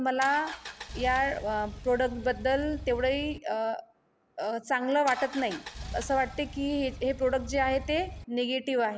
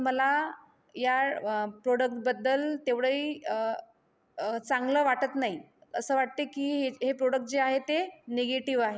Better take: second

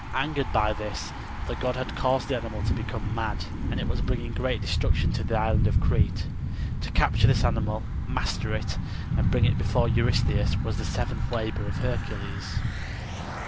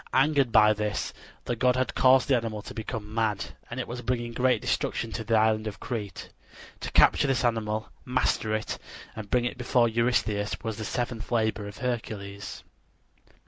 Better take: second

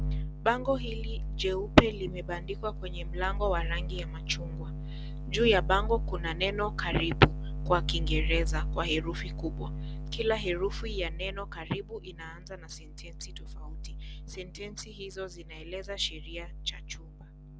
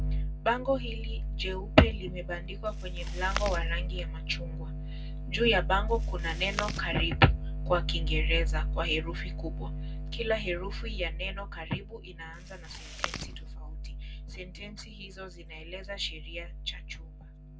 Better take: first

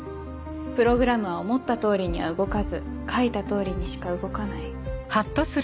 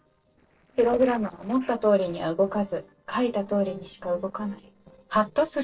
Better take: first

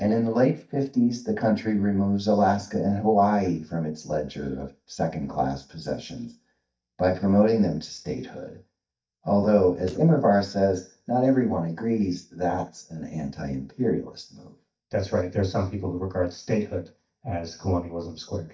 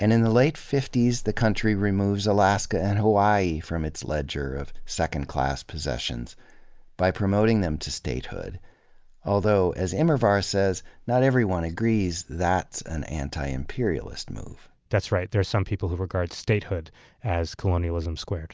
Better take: second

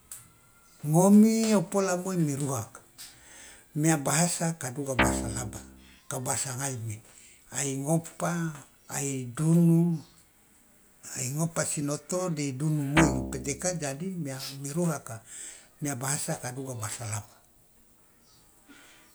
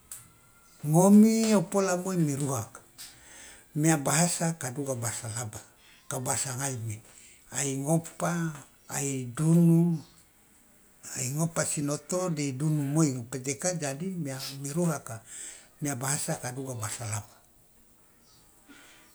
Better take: second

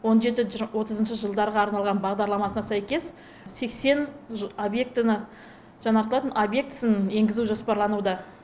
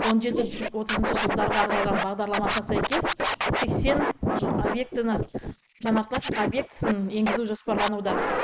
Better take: first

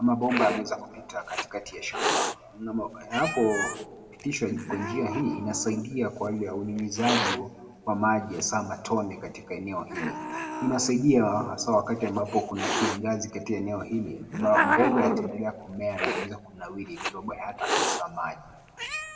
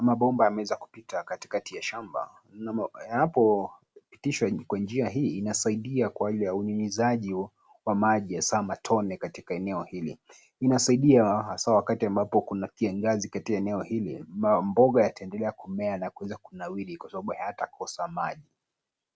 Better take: second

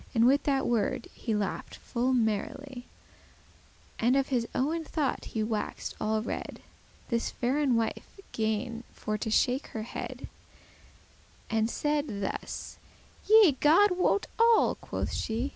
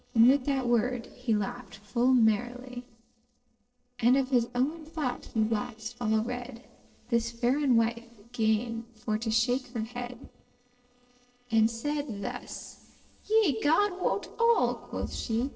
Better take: first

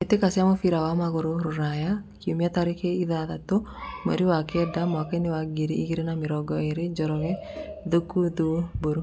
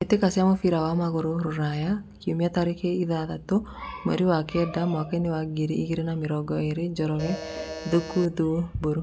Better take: first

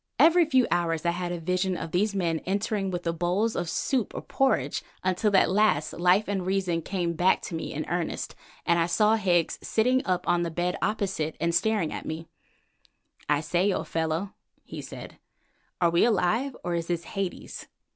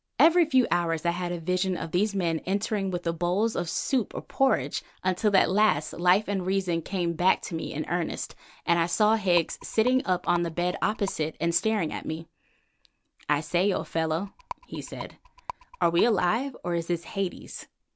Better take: first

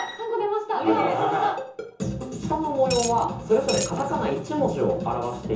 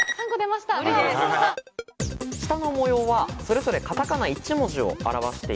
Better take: second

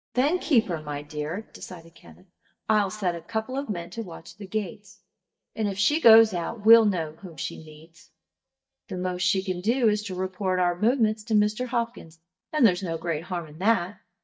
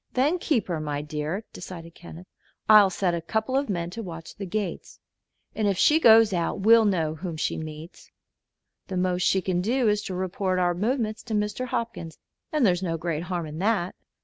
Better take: second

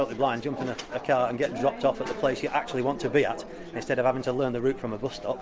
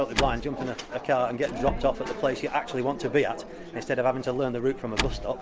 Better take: first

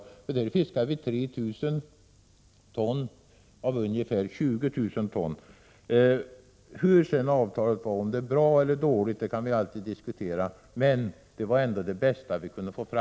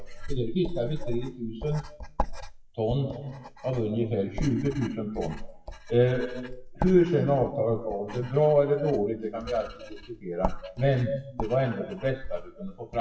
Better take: first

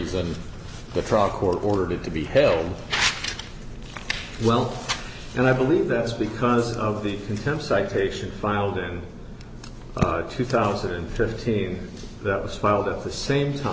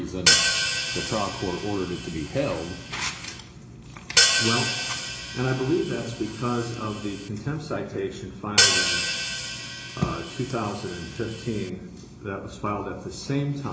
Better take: first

